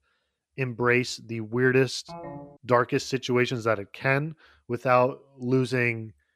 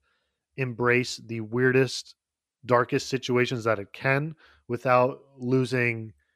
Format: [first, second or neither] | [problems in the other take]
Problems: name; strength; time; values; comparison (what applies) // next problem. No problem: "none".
second | phone ringing; faint; at 2 s; peak 15 dB below the speech